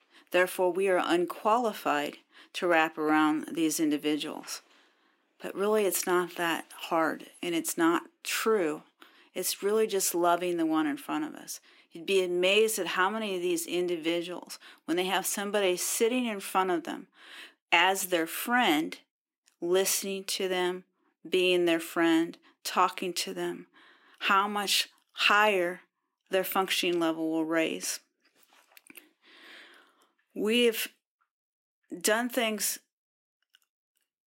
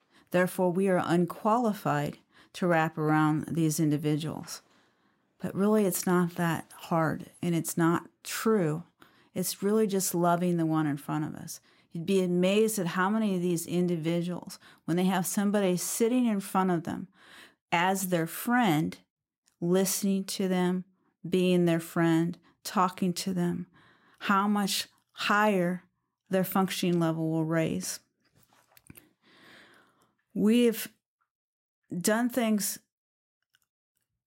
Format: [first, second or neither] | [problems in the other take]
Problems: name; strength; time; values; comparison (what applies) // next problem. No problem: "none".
second | thin; somewhat; fading below 300 Hz